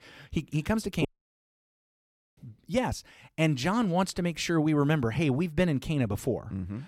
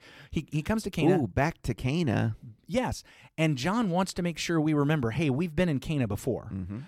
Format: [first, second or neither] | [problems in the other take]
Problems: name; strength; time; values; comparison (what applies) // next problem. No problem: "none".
second | audio cutting out; at 1 s for 1.5 s